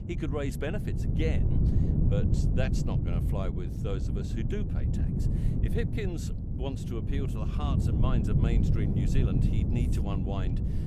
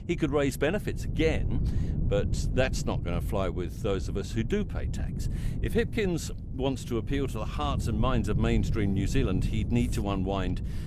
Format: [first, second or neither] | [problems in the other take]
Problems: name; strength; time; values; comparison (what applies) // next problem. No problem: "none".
second | wind noise on the microphone; heavy; 1 dB below the speech; occasional gusts in the second